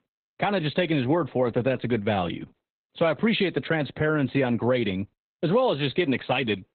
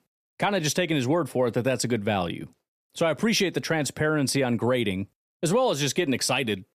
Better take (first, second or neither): second